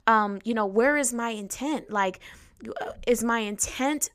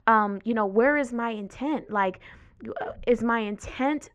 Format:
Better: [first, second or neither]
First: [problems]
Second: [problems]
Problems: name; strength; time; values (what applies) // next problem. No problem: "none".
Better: first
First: none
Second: muffled; very; fading above 2.5 kHz